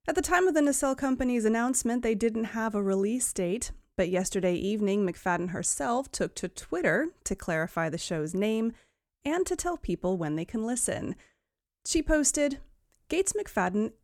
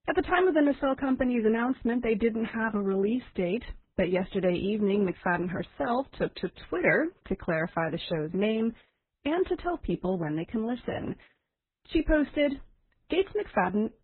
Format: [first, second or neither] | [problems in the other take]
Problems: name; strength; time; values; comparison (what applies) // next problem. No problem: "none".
first | garbled, watery; badly; nothing above 4 kHz